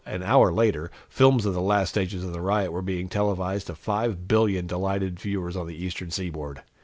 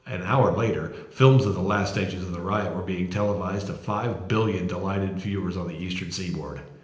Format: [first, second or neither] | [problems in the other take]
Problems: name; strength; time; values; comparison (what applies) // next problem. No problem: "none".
first | room echo; dies away in 0.8 s